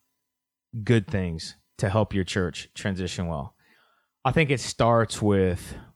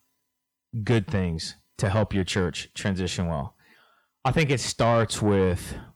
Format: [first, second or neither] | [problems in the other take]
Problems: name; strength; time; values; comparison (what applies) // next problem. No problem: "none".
first | distortion; slight; 10 dB below the speech